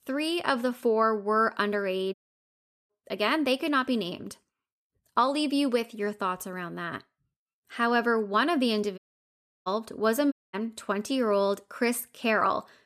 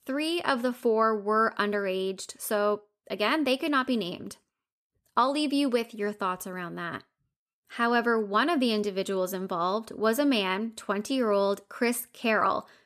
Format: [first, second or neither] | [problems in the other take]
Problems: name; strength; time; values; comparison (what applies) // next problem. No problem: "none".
second | audio cutting out; at 2 s for 1 s, at 9 s for 0.5 s and at 10 s